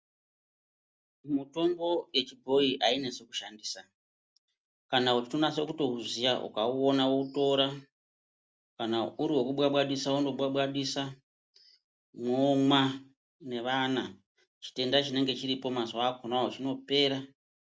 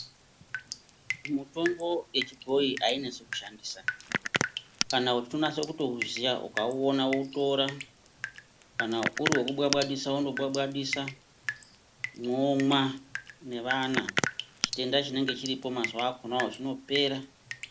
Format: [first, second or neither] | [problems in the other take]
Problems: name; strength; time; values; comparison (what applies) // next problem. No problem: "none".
first | background sound (Drip); 6 dB below the speech